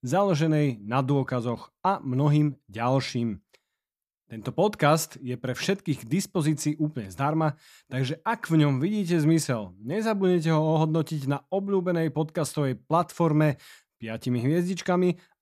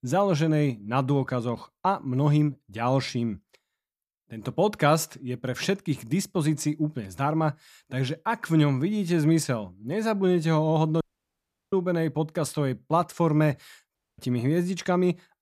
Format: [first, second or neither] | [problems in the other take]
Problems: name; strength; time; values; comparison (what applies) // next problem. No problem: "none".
first | audio cutting out; at 11 s for 0.5 s and at 14 s